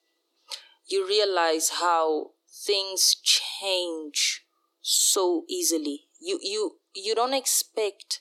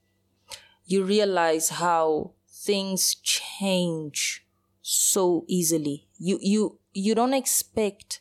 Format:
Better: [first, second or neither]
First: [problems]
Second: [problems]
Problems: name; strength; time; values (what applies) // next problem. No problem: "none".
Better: second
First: thin; somewhat; fading below 300 Hz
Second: none